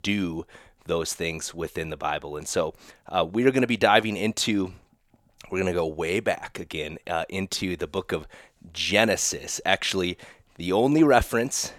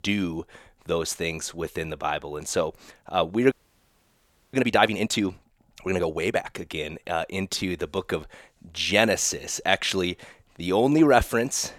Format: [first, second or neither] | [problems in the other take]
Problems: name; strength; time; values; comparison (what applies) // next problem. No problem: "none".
first | audio freezing; at 3.5 s for 1 s